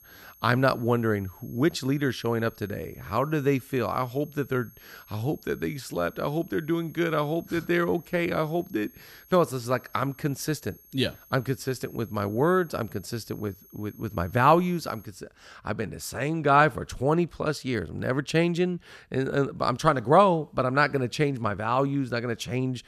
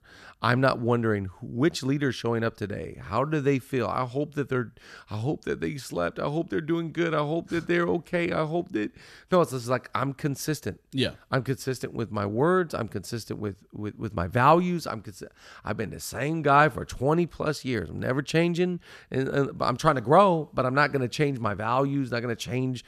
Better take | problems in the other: second | high-pitched whine; faint; until 15 s; 11.5 kHz, 25 dB below the speech

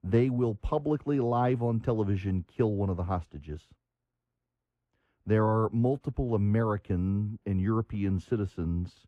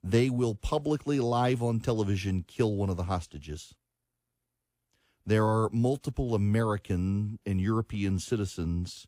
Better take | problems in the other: second | muffled; very; fading above 3 kHz

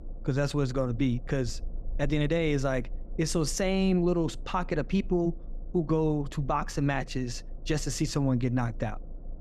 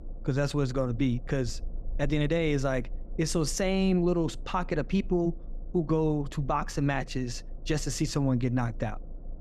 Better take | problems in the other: neither | low rumble; faint; throughout; 25 dB below the speech; the same in both

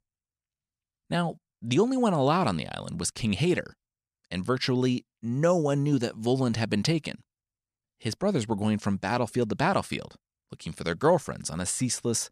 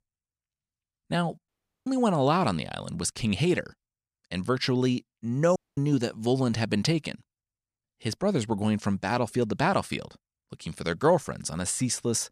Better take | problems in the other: first | audio cutting out; at 1.5 s and at 5.5 s

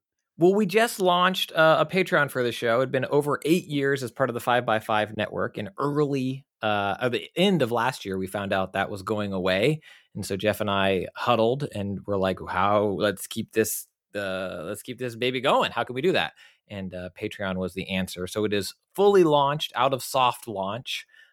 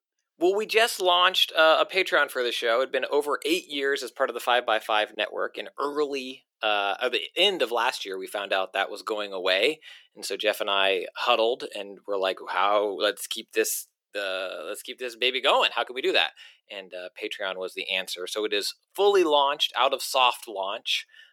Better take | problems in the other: first | thin; very; fading below 350 Hz

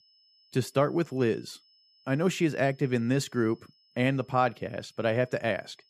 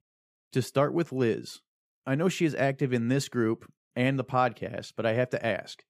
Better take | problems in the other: second | high-pitched whine; faint; throughout; 5 kHz, 30 dB below the speech

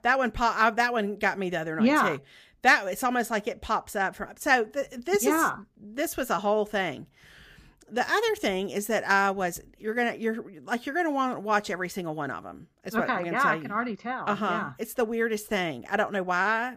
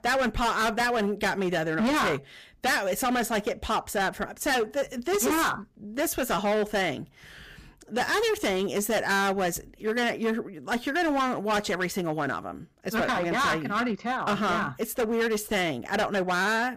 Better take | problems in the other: first | distortion; heavy; 18% of the sound clipped

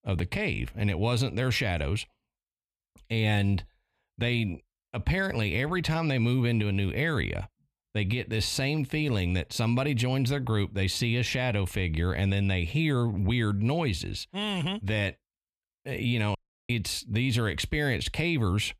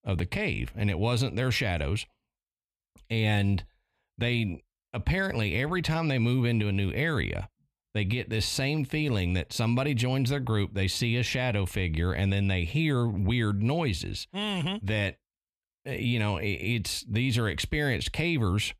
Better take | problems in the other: second | audio cutting out; at 16 s

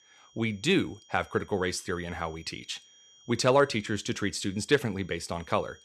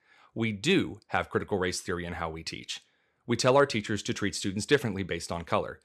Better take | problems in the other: second | high-pitched whine; faint; throughout; 3 kHz, 25 dB below the speech

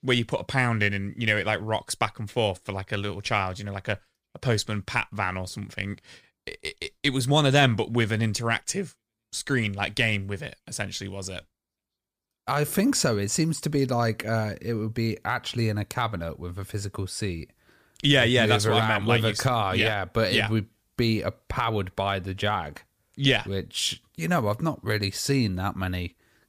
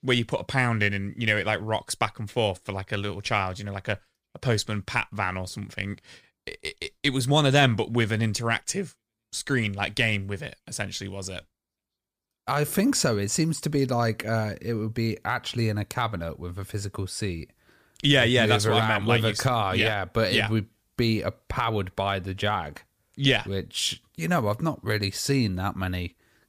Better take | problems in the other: neither | none

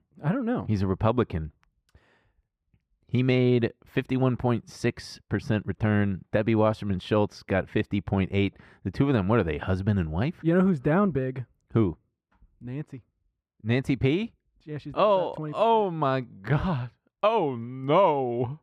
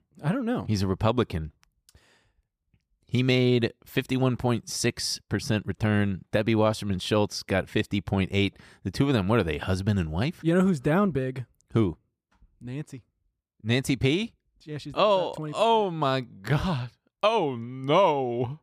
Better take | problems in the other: second | muffled; slightly; fading above 3.5 kHz

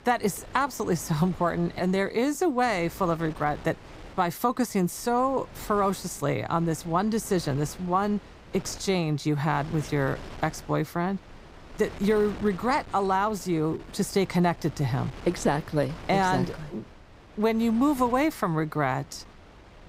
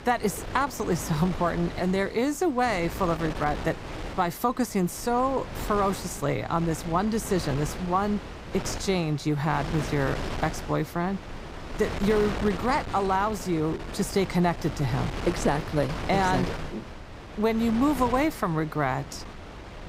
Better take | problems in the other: first | wind noise on the microphone; heavy; 10 dB below the speech; occasional gusts in the first

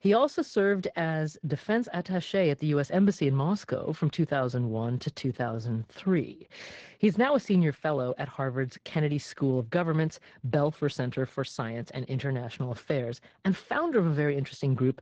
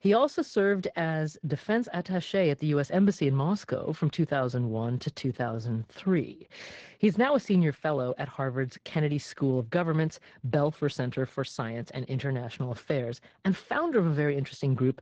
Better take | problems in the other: neither | garbled, watery; slightly; the same in both

